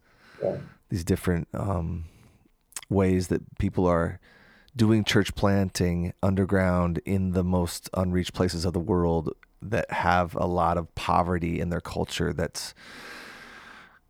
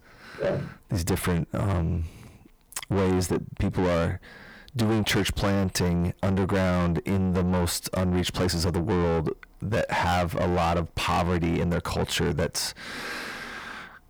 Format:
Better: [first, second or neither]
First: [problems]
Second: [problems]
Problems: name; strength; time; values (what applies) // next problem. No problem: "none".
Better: first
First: none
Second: distortion; heavy; 6 dB below the speech